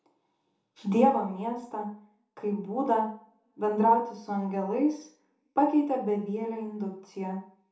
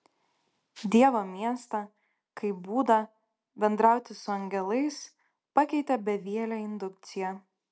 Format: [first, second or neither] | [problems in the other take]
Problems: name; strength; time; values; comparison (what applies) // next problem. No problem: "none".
second | room echo; dies away in 0.9 s